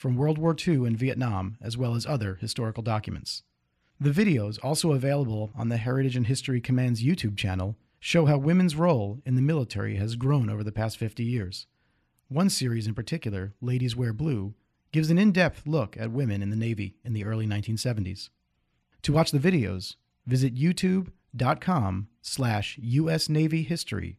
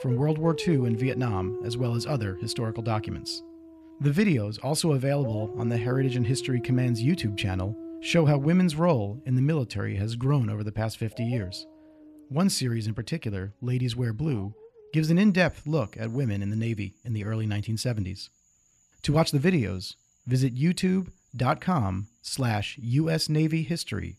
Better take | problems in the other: first | animal sounds; noticeable; throughout; 10 dB below the speech

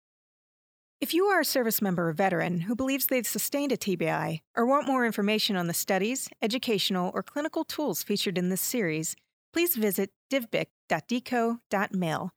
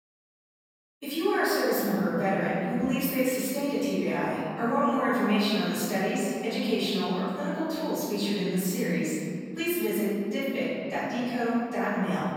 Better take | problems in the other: first | room echo; strong; dies away in 2.2 s // off-mic speech; far

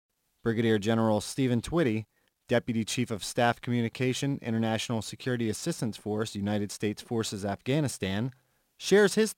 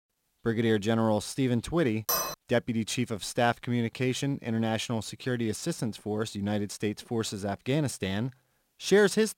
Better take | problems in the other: first | clattering dishes; loud; at 2 s; peak 1 dB above the speech

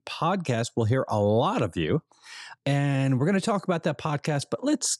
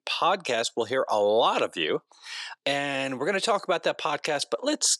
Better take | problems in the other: first | thin; somewhat; fading below 500 Hz

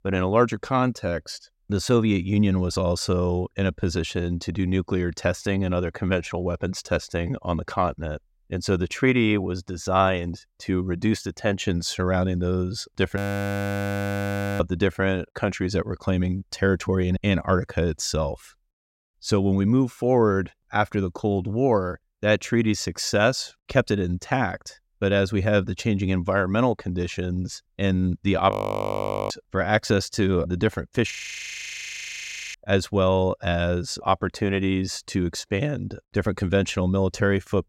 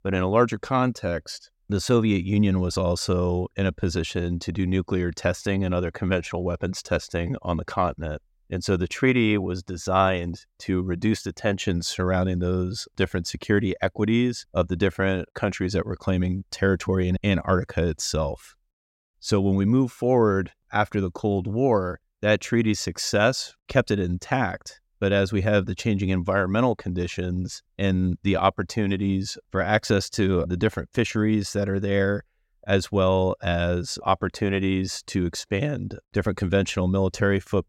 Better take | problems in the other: second | audio freezing; at 13 s for 1.5 s, at 29 s for 1 s and at 31 s for 1.5 s

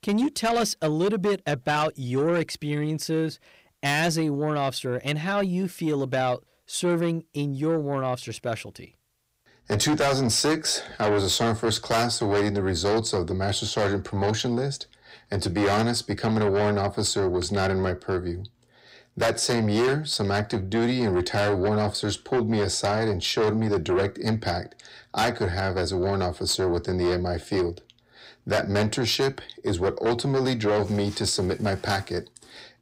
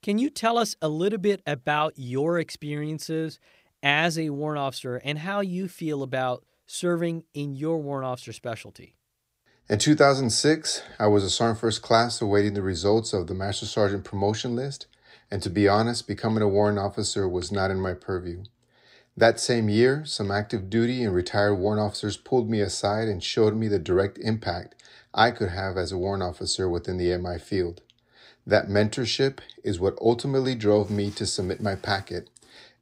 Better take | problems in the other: second | distortion; heavy; 7 dB below the speech

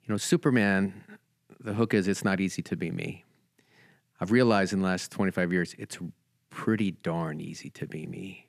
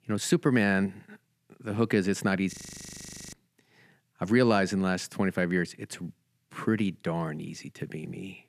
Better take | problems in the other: first | audio freezing; at 2.5 s for 1 s

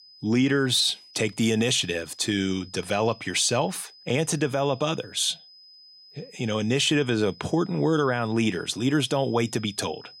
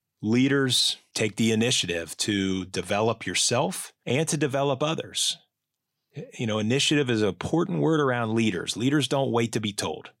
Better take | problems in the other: second | high-pitched whine; faint; throughout; 5 kHz, 25 dB below the speech

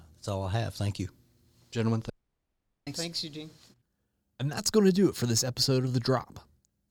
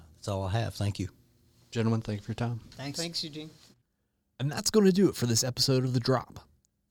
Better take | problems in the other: second | audio cutting out; at 2 s for 1 s

